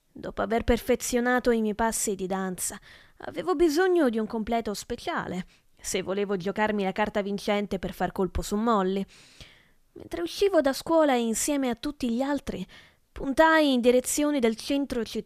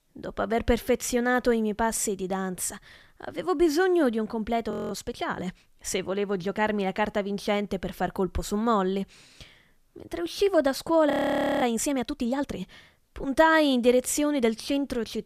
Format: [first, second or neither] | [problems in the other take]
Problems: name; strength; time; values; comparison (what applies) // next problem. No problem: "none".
first | audio freezing; at 4.5 s and at 11 s for 0.5 s